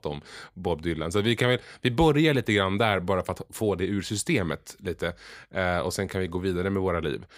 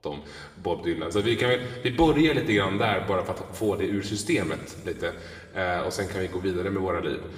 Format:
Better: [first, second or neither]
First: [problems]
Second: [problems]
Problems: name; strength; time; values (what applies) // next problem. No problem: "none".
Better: first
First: none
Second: room echo; noticeable; dies away in 1.7 s // off-mic speech; somewhat distant